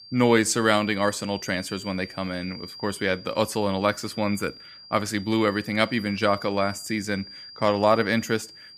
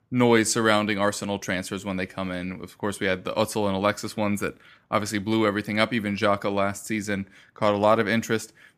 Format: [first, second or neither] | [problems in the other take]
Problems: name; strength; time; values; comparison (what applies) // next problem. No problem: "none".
second | high-pitched whine; noticeable; throughout; 5 kHz, 15 dB below the speech